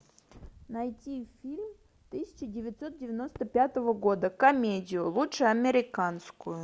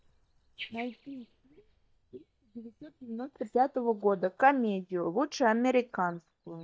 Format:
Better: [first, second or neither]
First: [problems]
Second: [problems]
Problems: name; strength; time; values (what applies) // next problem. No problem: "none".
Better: first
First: none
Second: noise reduction (neural mask model DeepFilterNet 3)